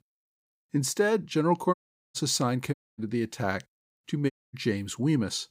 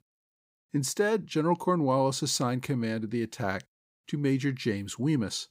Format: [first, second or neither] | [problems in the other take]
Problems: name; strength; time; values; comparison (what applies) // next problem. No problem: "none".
second | audio cutting out; at 1.5 s, at 2.5 s and at 4.5 s